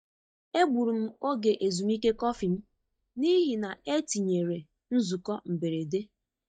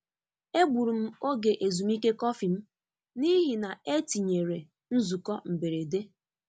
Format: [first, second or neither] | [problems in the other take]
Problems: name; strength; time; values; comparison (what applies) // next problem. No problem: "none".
second | noise reduction (neural mask model DeepFilterNet 3)